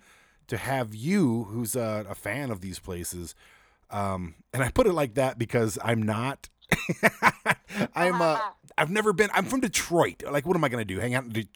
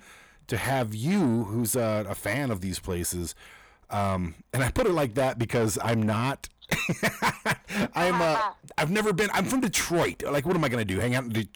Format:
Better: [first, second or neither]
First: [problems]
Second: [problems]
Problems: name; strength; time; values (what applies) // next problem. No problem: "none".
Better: first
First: none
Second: distortion; heavy; 7 dB below the speech